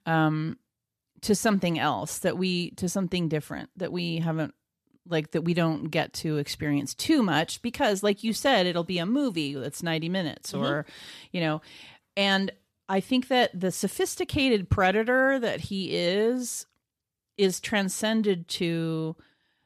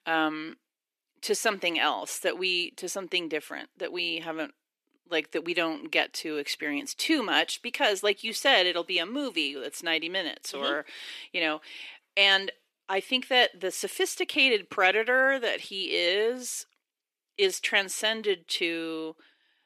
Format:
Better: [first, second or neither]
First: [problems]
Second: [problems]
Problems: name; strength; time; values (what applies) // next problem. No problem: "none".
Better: first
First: none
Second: thin; somewhat; fading below 350 Hz